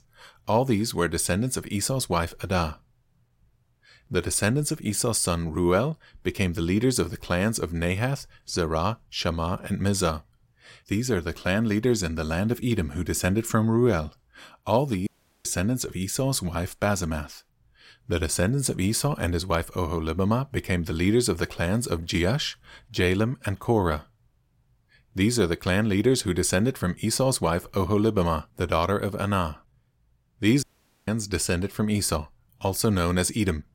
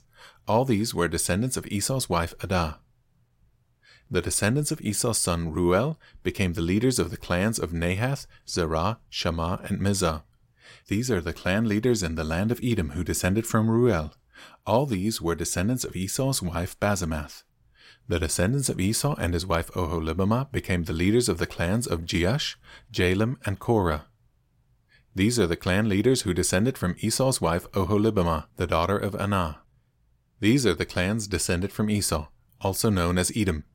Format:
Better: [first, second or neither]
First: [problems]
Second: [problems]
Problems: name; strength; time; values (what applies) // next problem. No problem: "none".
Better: second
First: audio cutting out; at 15 s and at 31 s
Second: none